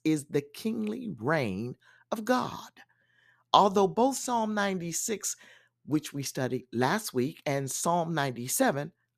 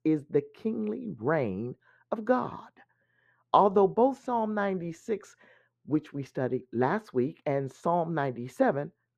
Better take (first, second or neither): first